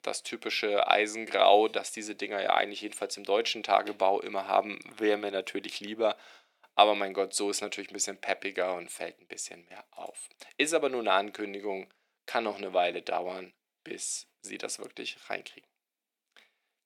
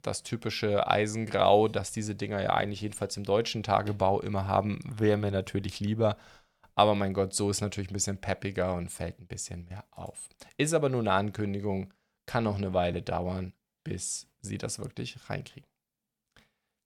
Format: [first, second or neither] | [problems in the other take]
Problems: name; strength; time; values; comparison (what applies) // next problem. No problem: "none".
second | thin; somewhat; fading below 300 Hz